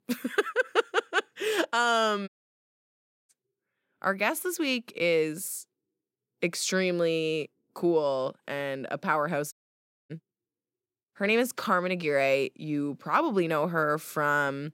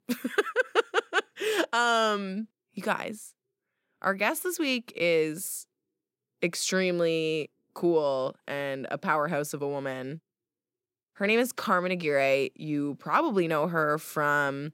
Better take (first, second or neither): second